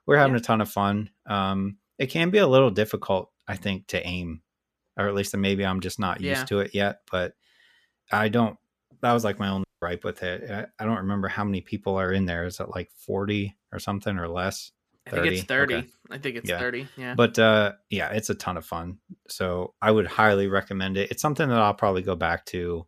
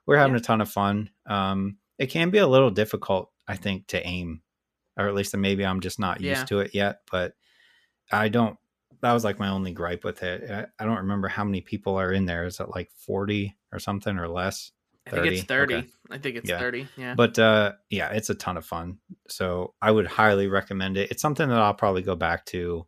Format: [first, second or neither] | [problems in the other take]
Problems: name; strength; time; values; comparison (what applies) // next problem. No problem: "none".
second | audio cutting out; at 9.5 s